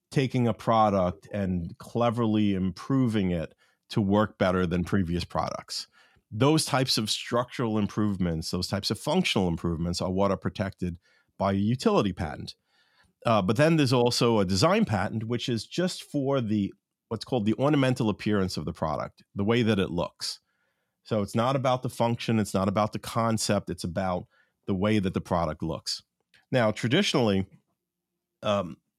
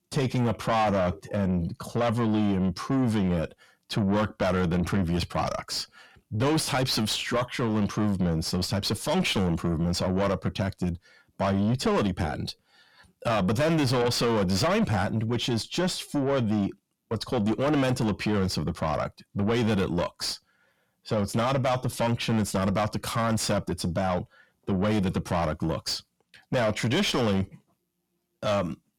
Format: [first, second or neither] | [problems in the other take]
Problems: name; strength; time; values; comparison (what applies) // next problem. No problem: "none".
first | distortion; heavy; 6 dB below the speech